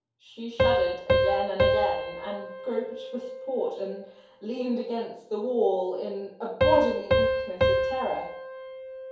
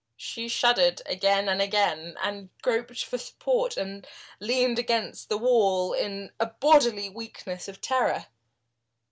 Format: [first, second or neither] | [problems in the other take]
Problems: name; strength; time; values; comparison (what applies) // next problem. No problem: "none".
second | background sound (Piano); 2 dB above the speech // room echo; dies away in 2.4 s